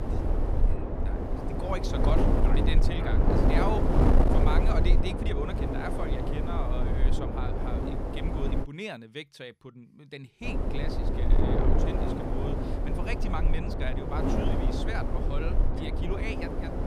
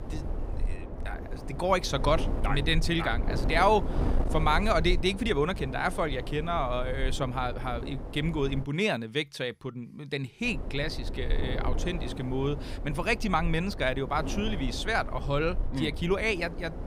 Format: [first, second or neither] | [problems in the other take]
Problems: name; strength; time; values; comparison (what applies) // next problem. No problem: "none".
second | wind noise on the microphone; heavy; until 8.5 s and from 10 s on; 3 dB above the speech; occasional gusts in the second